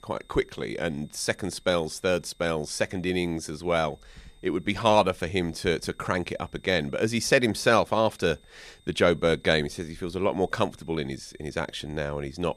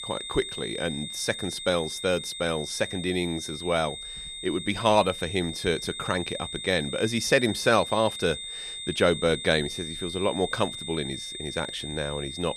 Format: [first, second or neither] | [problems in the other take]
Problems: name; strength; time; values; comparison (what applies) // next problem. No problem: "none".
first | high-pitched whine; loud; throughout; 3.5 kHz, 7 dB below the speech; faint in the first